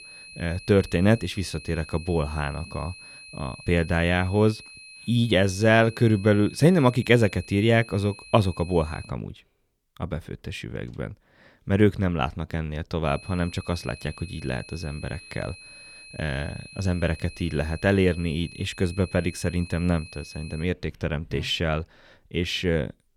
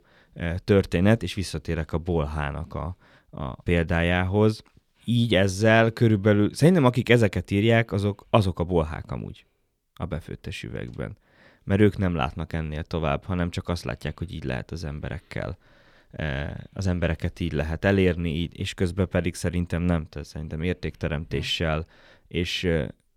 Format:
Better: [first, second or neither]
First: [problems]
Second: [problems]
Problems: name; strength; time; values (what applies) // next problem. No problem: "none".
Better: second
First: high-pitched whine; noticeable; until 9 s and from 13 to 21 s; 2.5 kHz, 20 dB below the speech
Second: none